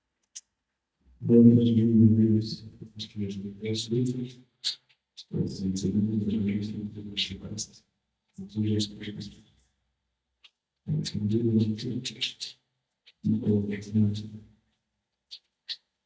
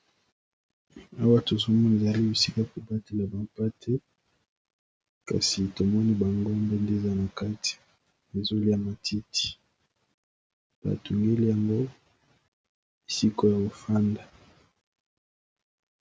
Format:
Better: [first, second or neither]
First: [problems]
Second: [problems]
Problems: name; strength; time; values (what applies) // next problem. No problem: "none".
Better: second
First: noise reduction (neural mask model DeepFilterNet 3)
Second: none